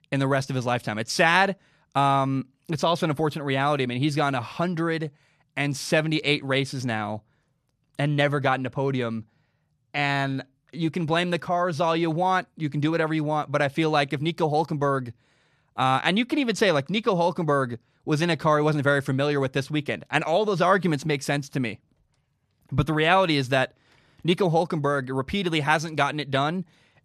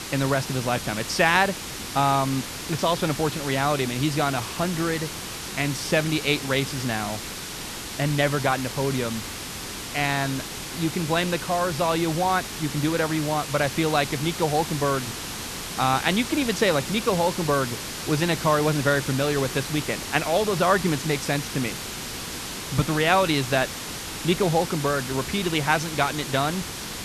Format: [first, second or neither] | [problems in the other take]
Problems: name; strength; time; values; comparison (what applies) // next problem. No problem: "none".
first | hiss; loud; throughout; 7 dB below the speech